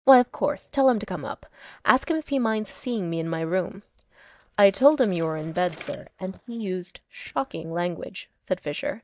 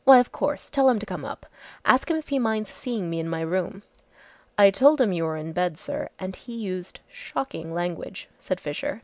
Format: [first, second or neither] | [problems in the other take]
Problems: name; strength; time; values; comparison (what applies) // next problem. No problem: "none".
second | noise reduction (neural mask model DeepFilterNet 3)